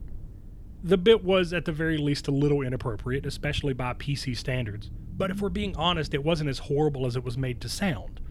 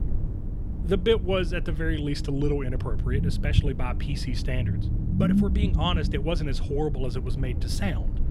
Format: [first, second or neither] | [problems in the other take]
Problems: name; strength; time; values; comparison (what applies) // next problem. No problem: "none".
first | low rumble; loud; throughout; 9 dB below the speech; faint in the first